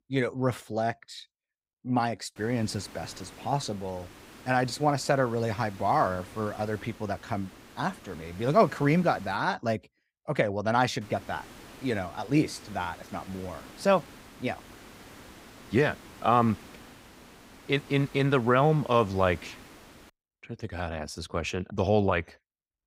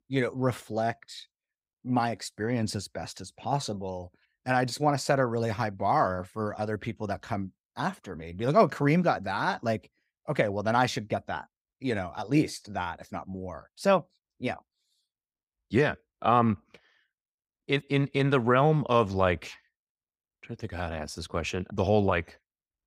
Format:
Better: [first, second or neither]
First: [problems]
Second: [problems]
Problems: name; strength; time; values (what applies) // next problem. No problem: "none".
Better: second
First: hiss; faint; from 2.5 to 9.5 s and from 11 to 20 s; 20 dB below the speech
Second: none